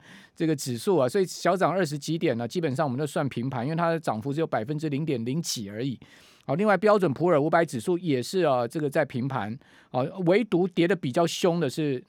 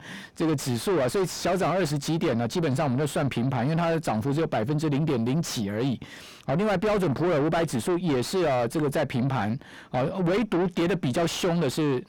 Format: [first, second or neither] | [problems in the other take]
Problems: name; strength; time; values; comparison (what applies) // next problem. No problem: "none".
first | distortion; heavy; 5 dB below the speech